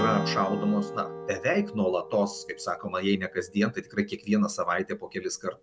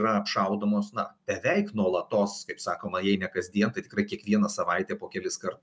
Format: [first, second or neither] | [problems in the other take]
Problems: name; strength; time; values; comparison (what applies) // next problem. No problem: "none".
second | background sound (Strum); 10 dB below the speech